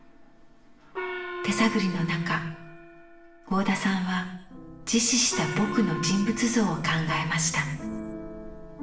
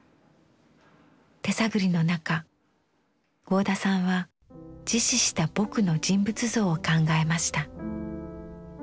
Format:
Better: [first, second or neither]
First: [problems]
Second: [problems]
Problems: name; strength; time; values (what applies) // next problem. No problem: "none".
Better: second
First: background sound (Gong); 11 dB below the speech // room echo; dies away in 0.8 s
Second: none